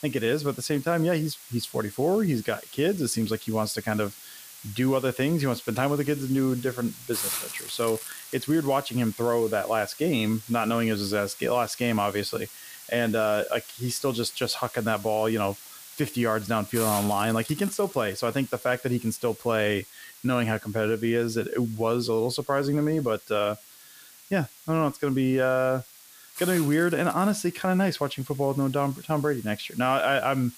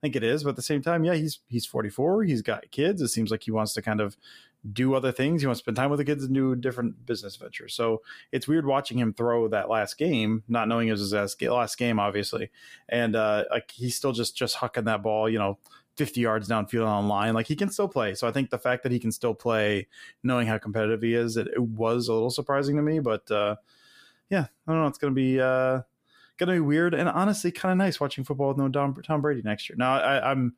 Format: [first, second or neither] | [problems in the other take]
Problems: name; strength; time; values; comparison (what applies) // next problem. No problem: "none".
second | hiss; noticeable; throughout; 15 dB below the speech